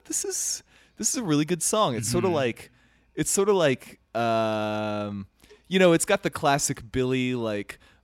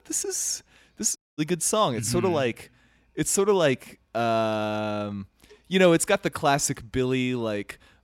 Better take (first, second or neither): first